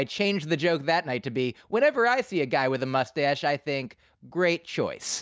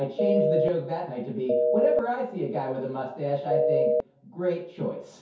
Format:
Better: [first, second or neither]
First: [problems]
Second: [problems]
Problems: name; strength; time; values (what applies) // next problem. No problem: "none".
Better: first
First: none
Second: background sound (Telephone); 4 dB above the speech // room echo; dies away in 0.6 s